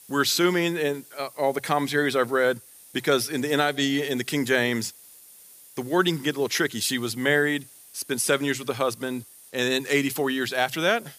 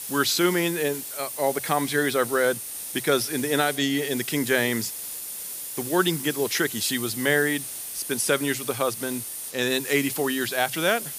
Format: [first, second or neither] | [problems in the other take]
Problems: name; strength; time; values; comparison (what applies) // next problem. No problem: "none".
first | hiss; loud; throughout; 7 dB below the speech; faint in the first